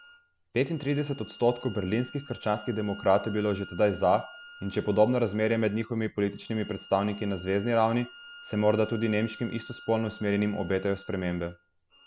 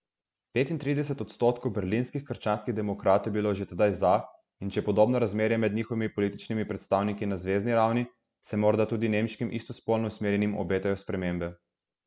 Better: second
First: background sound (Bowed string instrument); 20 dB below the speech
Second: none

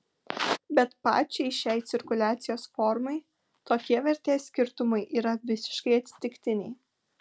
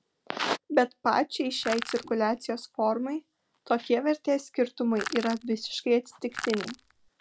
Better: first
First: none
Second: background sound (Crushing); 10 dB below the speech

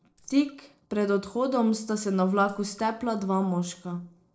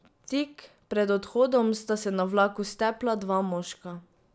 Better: second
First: noise reduction (neural separator model SepFormer DNS4)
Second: none

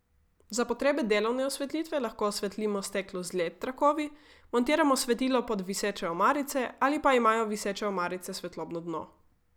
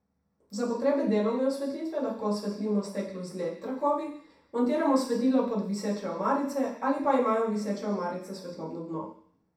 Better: first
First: none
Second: room echo; dies away in 0.7 s

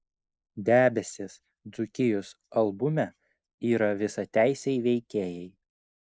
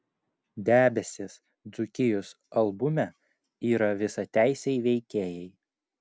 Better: second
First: noise reduction (neural mask model Resemble Enhance denoiser)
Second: none

